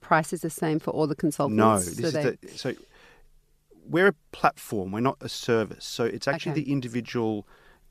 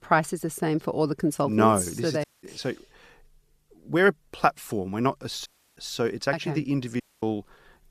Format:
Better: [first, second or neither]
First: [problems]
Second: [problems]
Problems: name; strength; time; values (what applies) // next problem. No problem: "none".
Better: first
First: none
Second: audio cutting out; at 2 s, at 5.5 s and at 7 s